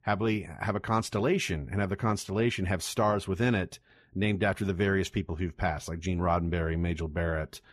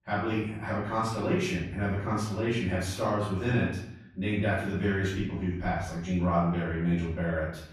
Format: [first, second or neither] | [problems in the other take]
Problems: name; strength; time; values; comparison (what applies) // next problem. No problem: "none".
first | off-mic speech; far // room echo; noticeable; dies away in 0.7 s